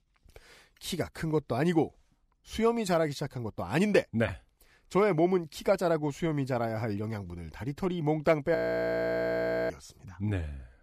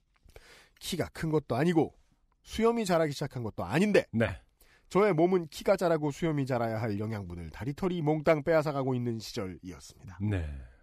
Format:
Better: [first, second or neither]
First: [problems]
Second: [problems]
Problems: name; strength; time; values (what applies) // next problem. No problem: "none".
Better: second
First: audio freezing; at 8.5 s for 1 s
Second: none